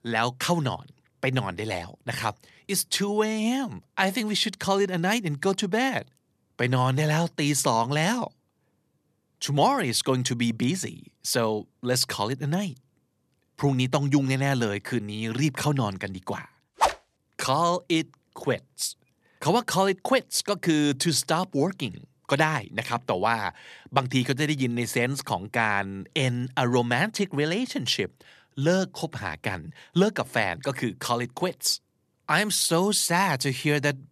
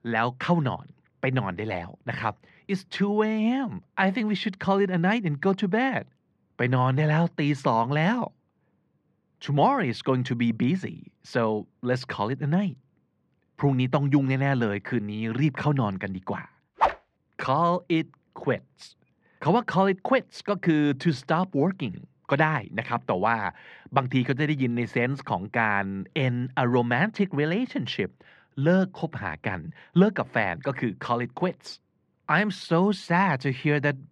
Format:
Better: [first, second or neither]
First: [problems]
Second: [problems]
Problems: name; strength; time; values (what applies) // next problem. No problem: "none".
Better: first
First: none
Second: muffled; very; fading above 2 kHz